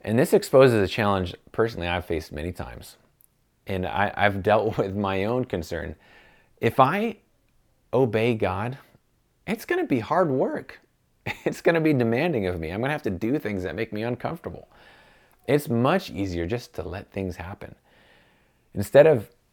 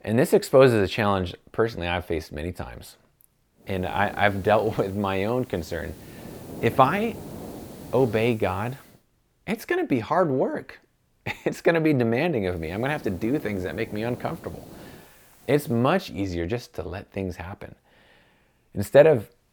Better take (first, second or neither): first